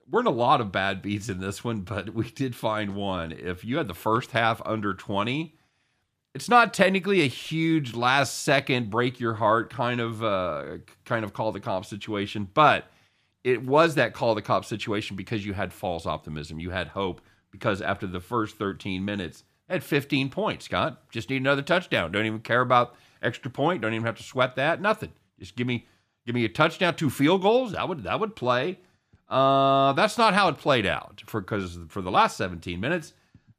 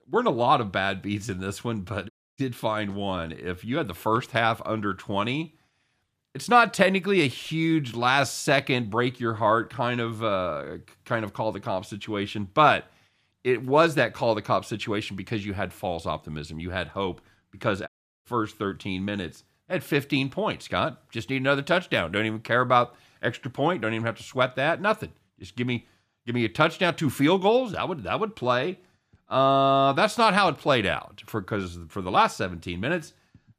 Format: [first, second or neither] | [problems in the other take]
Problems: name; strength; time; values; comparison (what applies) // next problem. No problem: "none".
first | audio cutting out; at 2 s and at 18 s